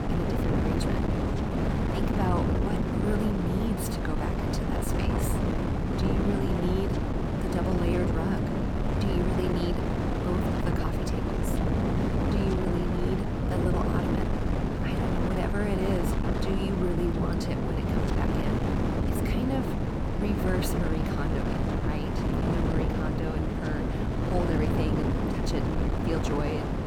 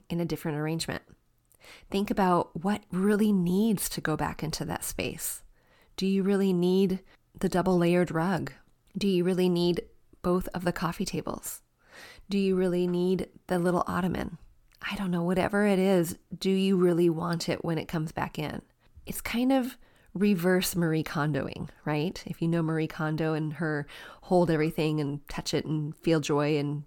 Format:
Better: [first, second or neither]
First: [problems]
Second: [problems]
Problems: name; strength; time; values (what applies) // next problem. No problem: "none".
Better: second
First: wind noise on the microphone; heavy; 4 dB above the speech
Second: none